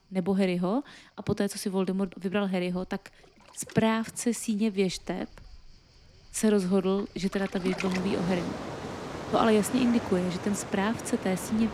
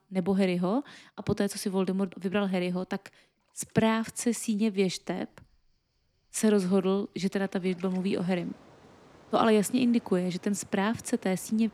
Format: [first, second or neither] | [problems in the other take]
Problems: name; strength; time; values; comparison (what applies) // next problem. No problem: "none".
second | rain or running water; loud; throughout; 9 dB below the speech; faint in the second